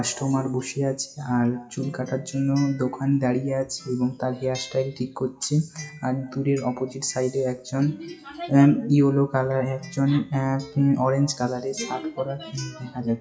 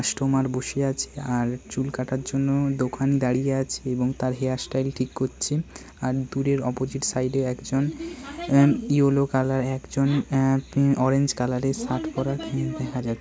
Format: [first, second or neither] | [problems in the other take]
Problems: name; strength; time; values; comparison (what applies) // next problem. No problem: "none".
second | noise reduction (classical method WPE with log-MMSE)